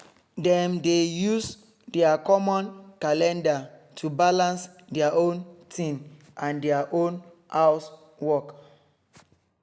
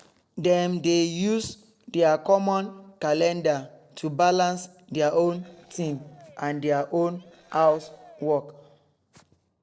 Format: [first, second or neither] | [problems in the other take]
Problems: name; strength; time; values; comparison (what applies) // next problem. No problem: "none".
first | noise reduction (neural separator model SepFormer DNS4)